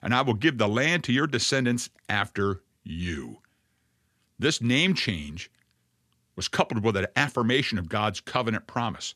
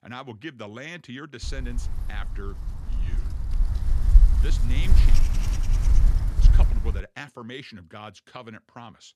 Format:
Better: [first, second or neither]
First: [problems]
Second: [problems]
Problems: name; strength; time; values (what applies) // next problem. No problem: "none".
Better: first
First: none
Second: wind noise on the microphone; heavy; from 1.5 to 7 s; 3 dB below the speech